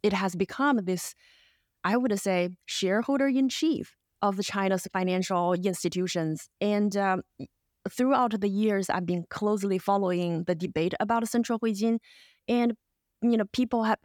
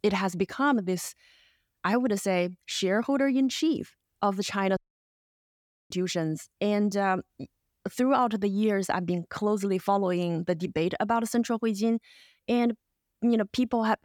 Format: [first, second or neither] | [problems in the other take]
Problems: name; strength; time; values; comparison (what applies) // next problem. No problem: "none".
first | audio cutting out; at 5 s for 1 s